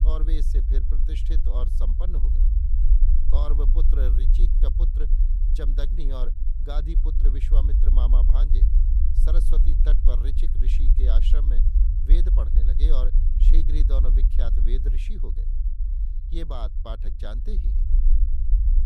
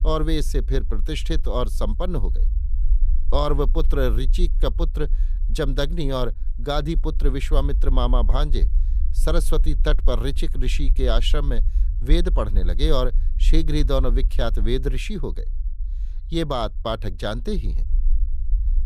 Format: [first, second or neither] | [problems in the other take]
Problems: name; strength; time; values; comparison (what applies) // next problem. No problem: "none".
second | low rumble; loud; throughout; 5 dB below the speech; faint in the second